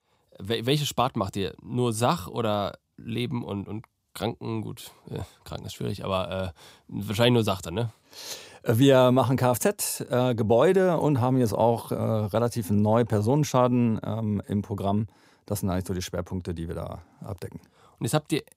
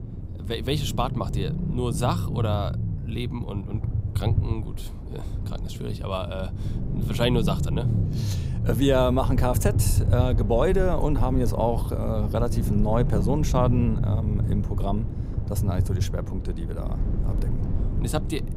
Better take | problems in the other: first | low rumble; noticeable; throughout; 10 dB below the speech

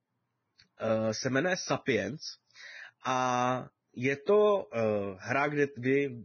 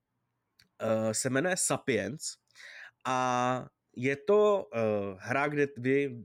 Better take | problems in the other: second | garbled, watery; badly; nothing above 6 kHz

